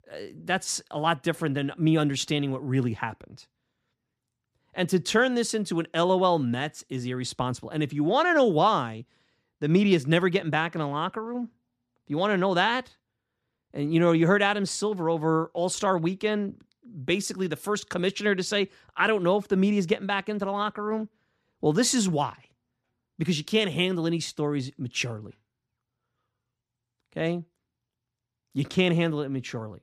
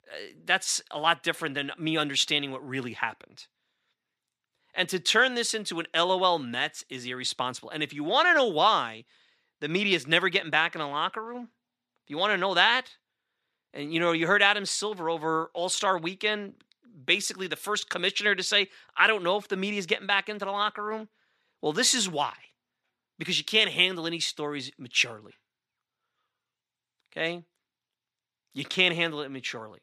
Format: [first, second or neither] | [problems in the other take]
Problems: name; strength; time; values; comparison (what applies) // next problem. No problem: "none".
first | thin; somewhat; fading below 750 Hz